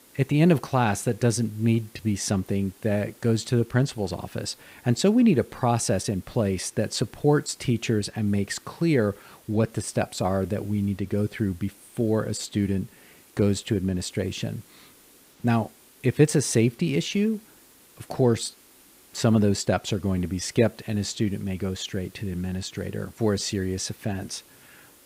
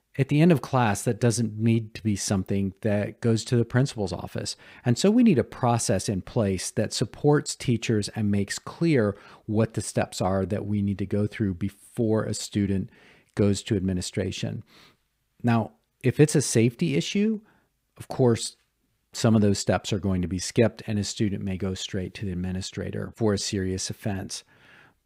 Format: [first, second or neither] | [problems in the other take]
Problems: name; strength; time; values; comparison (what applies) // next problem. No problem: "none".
second | hiss; faint; throughout; 25 dB below the speech